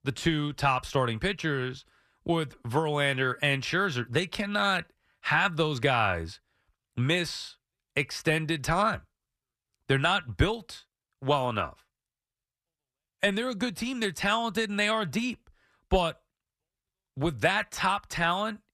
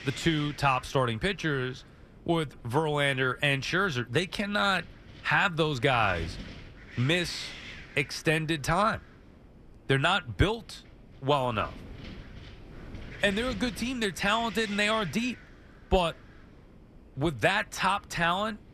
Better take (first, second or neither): first